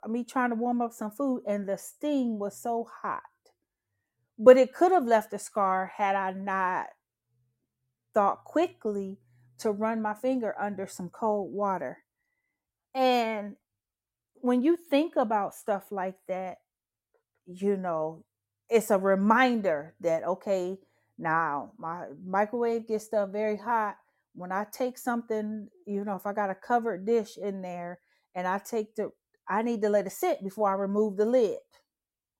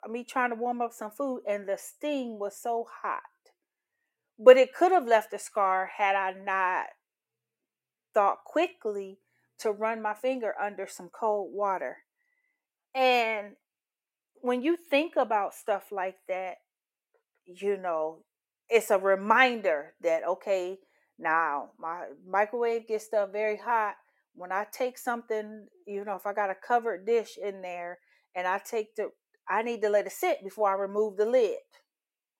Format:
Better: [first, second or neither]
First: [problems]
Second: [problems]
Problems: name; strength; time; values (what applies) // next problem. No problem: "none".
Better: first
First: none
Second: thin; somewhat; fading below 400 Hz